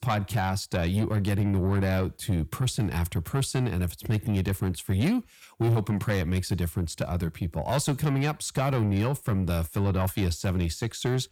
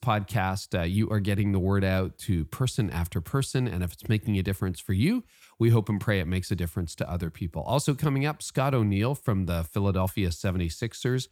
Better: second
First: distortion; slight; 10 dB below the speech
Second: none

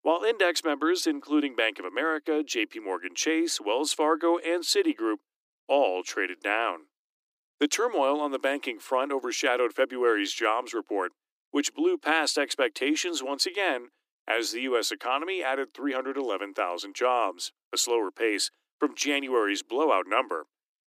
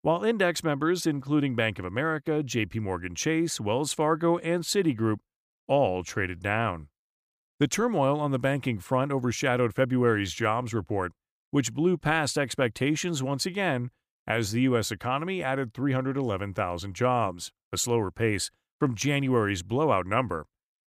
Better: second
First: thin; somewhat; fading below 300 Hz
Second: none

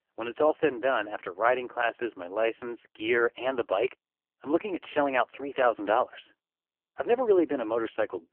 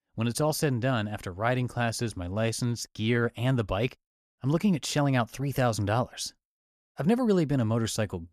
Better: second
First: phone-call audio; poor line; nothing above 3 kHz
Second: none

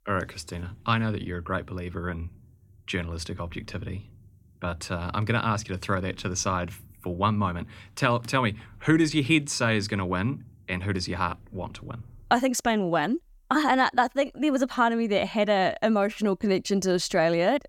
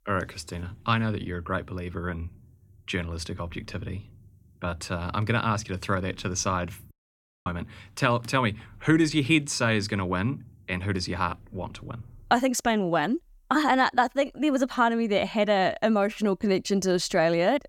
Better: first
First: none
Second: audio cutting out; at 7 s for 0.5 s

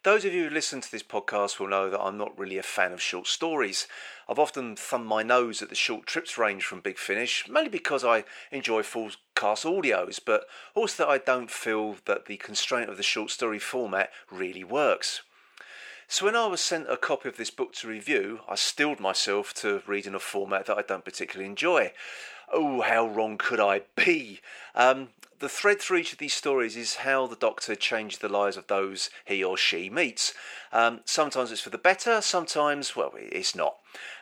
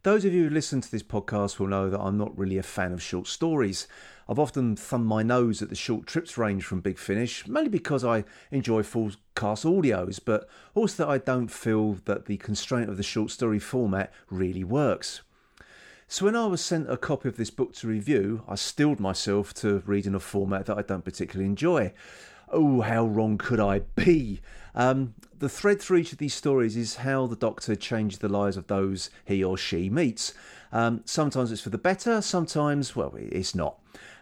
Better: second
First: thin; very; fading below 600 Hz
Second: none

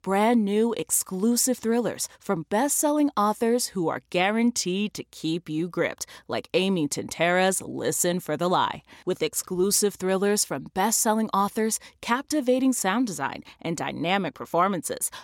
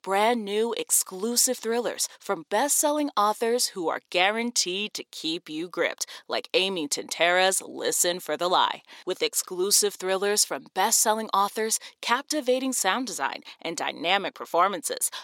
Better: first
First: none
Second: thin; somewhat; fading below 400 Hz

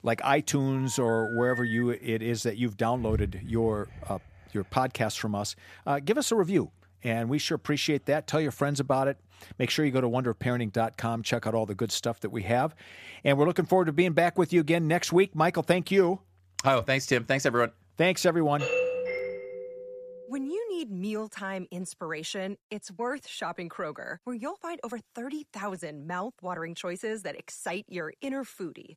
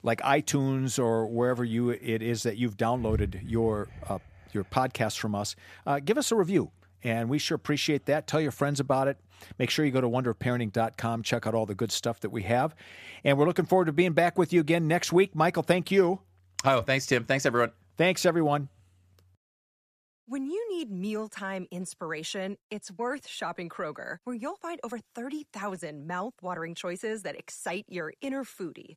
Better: second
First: phone ringing; noticeable; from 1 to 2 s; peak 4 dB below the speech // doorbell; loud; from 19 to 20 s; peak 1 dB above the speech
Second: none

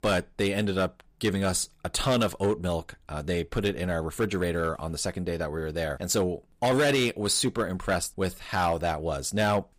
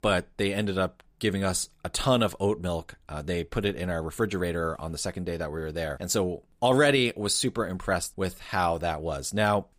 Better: second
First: distortion; slight; 5% of the sound clipped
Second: none

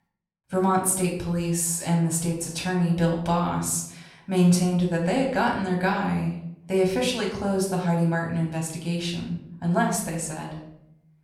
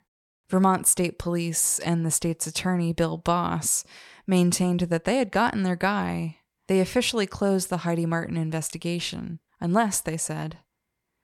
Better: second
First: room echo; slight; dies away in 0.6 s // off-mic speech; somewhat distant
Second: none

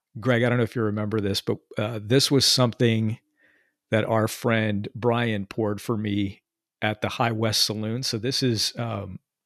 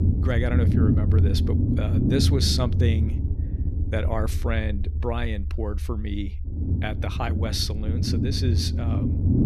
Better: first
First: none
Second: low rumble; loud; throughout; 4 dB below the speech

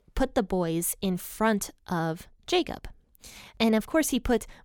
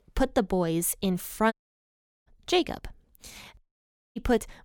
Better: first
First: none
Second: audio cutting out; at 1.5 s for 0.5 s and at 3.5 s for 0.5 s

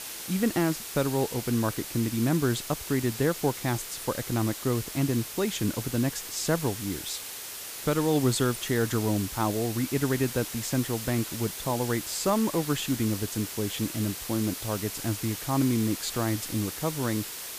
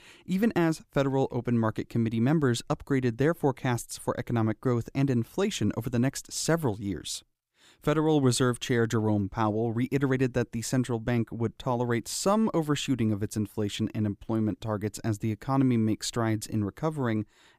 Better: second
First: hiss; loud; throughout; 7 dB below the speech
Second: none

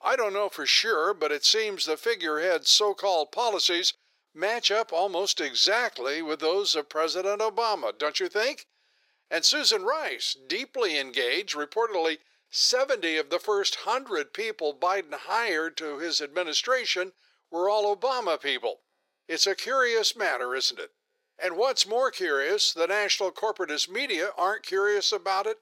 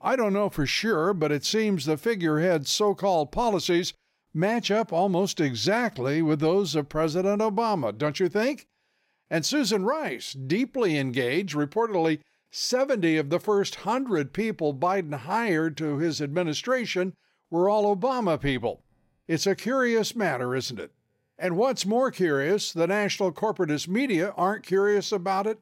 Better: second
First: thin; very; fading below 400 Hz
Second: none

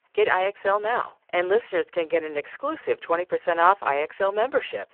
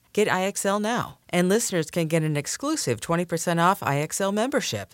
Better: second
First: phone-call audio; poor line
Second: none

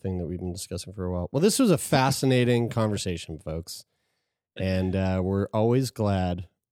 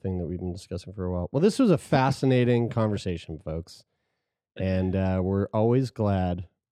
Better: first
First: none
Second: muffled; slightly; fading above 2 kHz

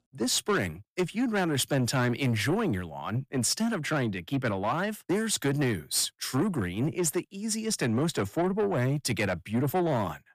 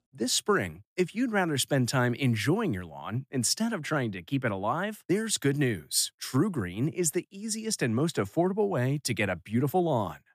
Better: second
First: distortion; slight; 10 dB below the speech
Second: none

